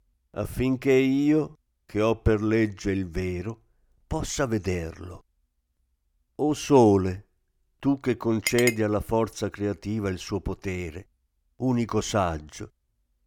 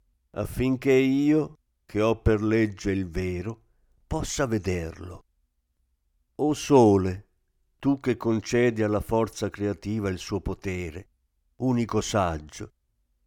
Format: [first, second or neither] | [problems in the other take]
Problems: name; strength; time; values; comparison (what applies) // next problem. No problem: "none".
second | clattering dishes; noticeable; at 8.5 s; peak 1 dB below the speech